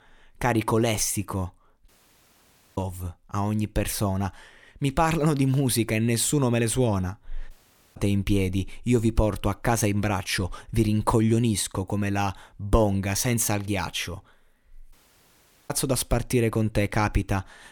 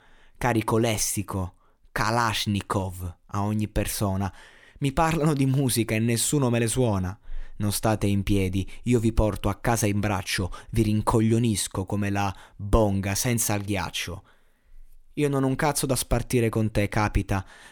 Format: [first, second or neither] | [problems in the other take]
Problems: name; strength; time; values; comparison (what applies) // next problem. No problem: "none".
second | audio cutting out; at 2 s for 1 s, at 7.5 s and at 15 s for 1 s